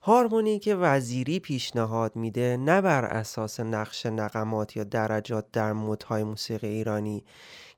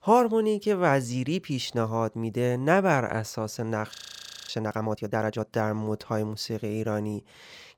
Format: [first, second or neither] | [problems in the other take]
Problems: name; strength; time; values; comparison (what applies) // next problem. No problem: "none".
first | audio freezing; at 4 s for 0.5 s